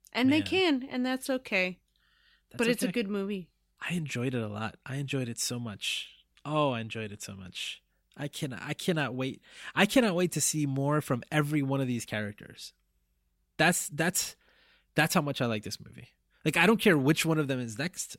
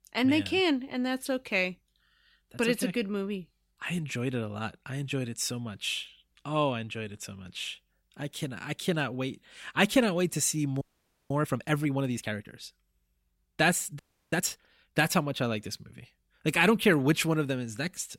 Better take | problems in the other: first | audio freezing; at 11 s and at 14 s

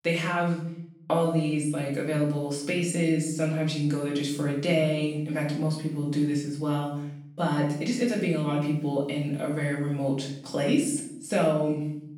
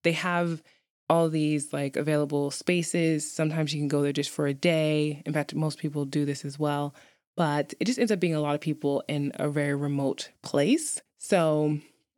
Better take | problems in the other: second | room echo; noticeable; dies away in 0.7 s // off-mic speech; far

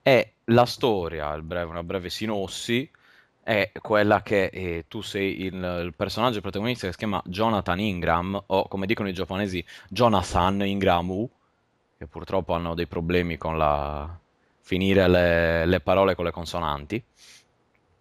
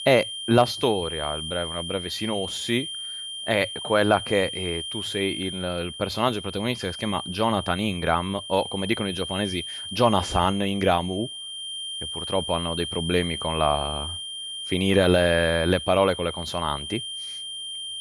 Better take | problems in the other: first | high-pitched whine; loud; throughout; 3 kHz, 7 dB below the speech

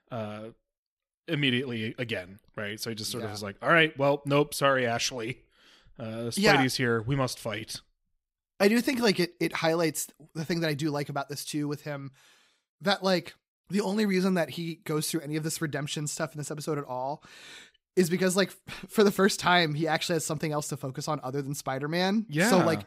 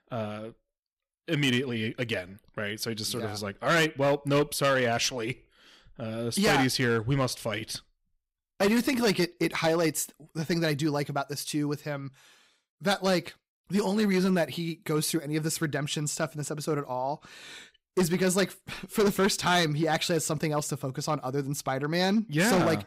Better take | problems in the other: first | distortion; slight; 5% of the sound clipped

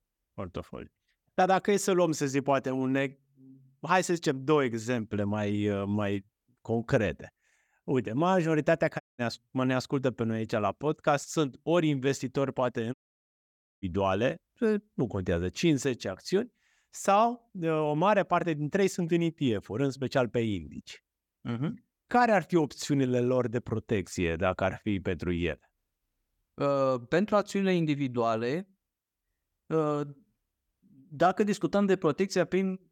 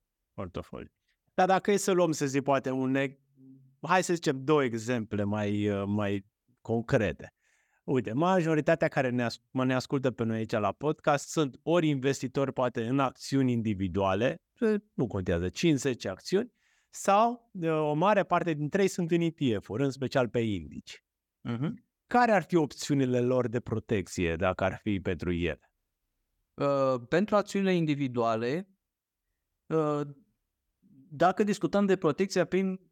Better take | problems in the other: second | audio cutting out; at 9 s and at 13 s for 1 s

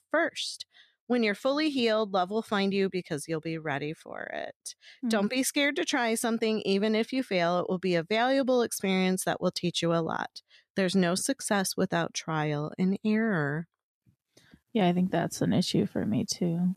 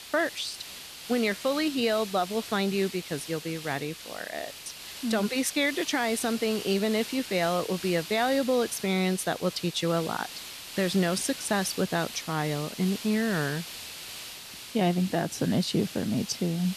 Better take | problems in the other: first | hiss; noticeable; throughout; 10 dB below the speech

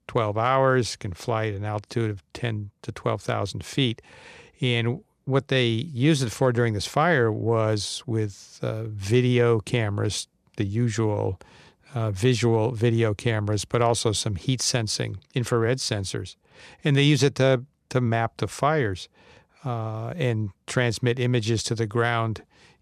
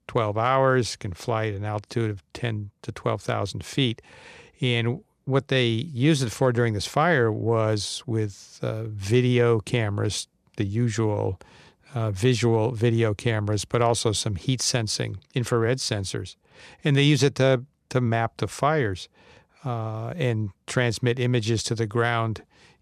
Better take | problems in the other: neither | none

